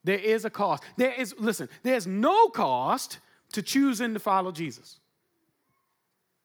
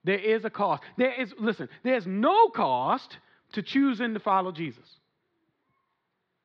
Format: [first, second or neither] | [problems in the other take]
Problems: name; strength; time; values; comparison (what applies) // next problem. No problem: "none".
first | muffled; slightly; fading above 4 kHz